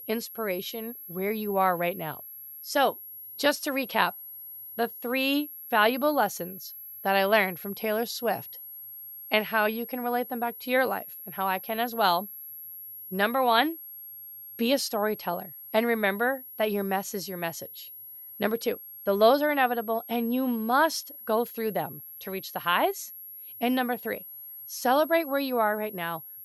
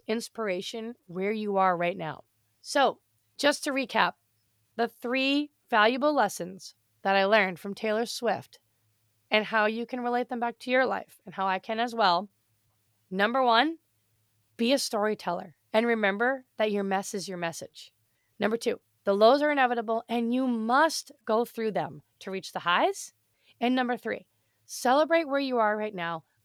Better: second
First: high-pitched whine; noticeable; throughout; 11.5 kHz, 15 dB below the speech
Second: none

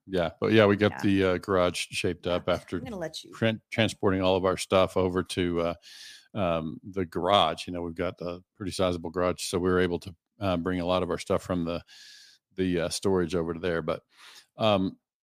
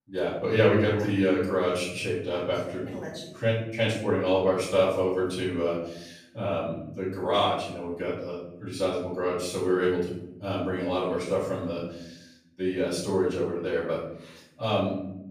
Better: first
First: none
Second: off-mic speech; far // room echo; noticeable; dies away in 0.7 s

